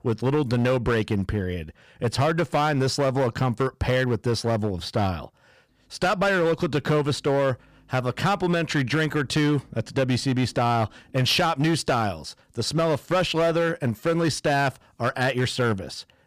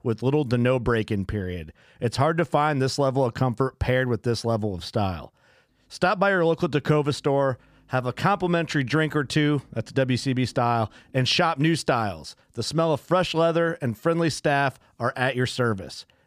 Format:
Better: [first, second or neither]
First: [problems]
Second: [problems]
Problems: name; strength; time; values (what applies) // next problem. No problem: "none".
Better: second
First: distortion; slight; 10% of the sound clipped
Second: none